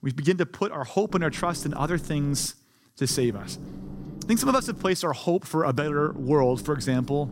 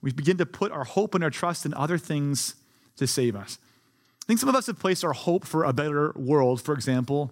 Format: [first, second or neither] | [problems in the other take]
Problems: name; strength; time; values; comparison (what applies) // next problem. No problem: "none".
second | low rumble; noticeable; from 1 to 2.5 s, from 3 to 5 s and from 6 s on; 20 dB below the speech